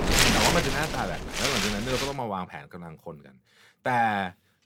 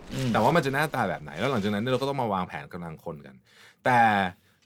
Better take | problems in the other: second | wind noise on the microphone; heavy; until 2 s; 3 dB above the speech; occasional gusts in the second

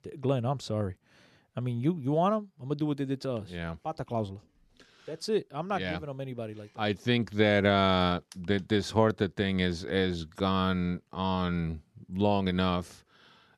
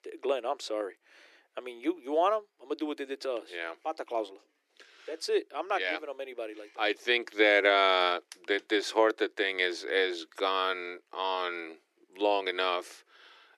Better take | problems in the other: first | thin; very; fading below 300 Hz

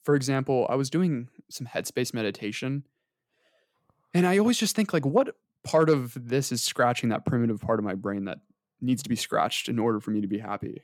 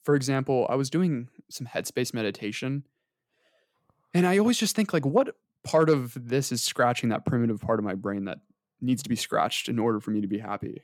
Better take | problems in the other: neither | none

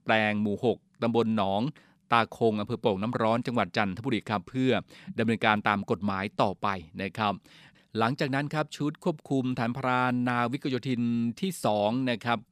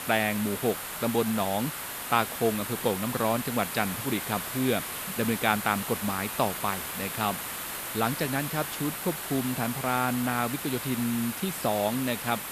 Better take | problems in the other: first | hiss; loud; throughout; 4 dB below the speech

